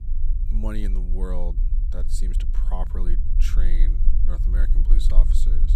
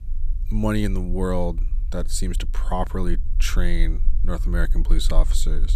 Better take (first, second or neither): second